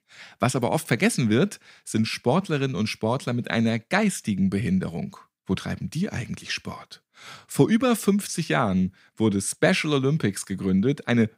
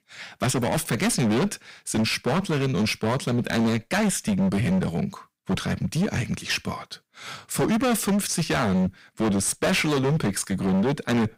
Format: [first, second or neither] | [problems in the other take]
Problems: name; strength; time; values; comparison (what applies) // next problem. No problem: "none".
first | distortion; heavy; 22% of the sound clipped